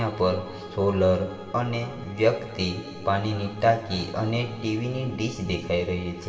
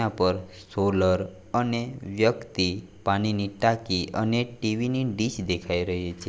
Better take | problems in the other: second | background sound (Bowed string instrument); 17 dB below the speech // room echo; dies away in 2.7 s

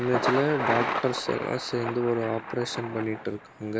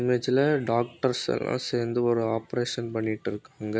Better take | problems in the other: second | background sound (Thunder); 4 dB below the speech

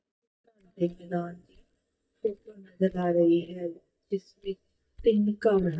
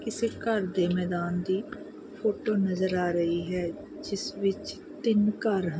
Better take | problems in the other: second | noise reduction (neural mask model DeepFilterNet 3)

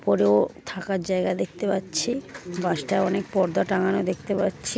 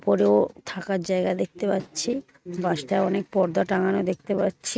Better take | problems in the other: first | noise reduction (neural mask model RNNoise)

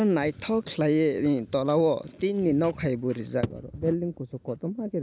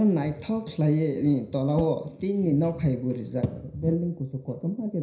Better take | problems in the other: first | background sound (Whoosh, swoosh, swish); 17 dB below the speech // room echo; dies away in 0.5 s

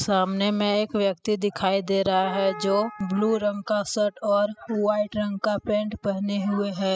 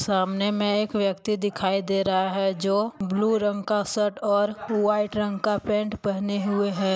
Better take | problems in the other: second | noise reduction (classical method spectral subtraction)

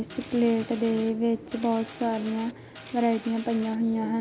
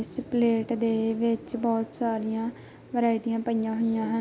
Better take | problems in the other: second | background sound (Mechanisms); 18 dB below the speech

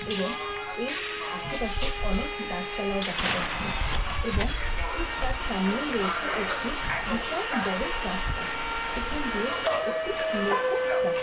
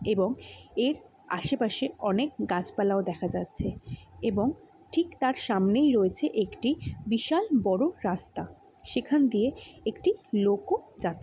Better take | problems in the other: second | background sound (Subway, metro, underground); 5 dB above the speech // room echo; dies away in 0.2 s

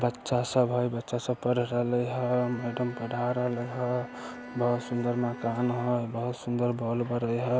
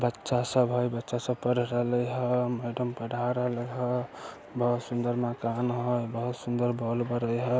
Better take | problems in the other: second | background sound (Bowed string instrument); 16 dB below the speech

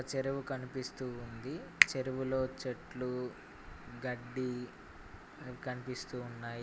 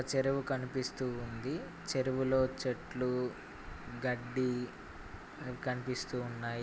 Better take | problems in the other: second | background sound (Finger snapping); 2 dB above the speech

